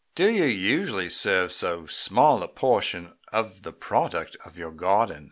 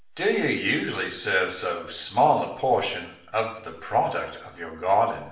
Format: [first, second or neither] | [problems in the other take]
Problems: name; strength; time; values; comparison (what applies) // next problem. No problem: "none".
first | room echo; dies away in 0.6 s